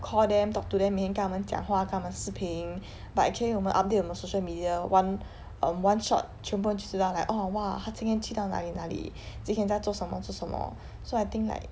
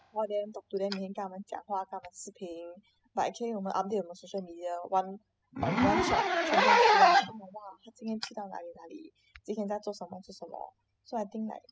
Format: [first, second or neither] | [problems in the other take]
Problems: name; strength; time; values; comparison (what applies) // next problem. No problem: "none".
first | noise reduction (classical method spectral subtraction)